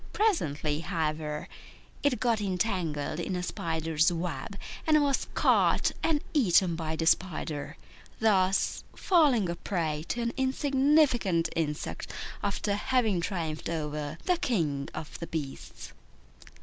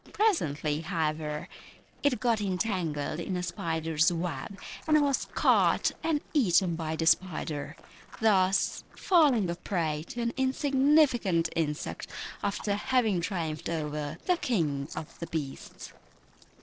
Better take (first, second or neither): first